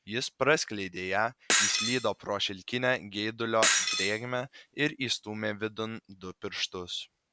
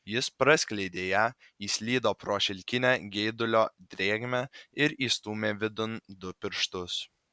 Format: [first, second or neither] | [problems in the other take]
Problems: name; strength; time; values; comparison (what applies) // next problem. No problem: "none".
second | background sound (Shatter); as loud as the speech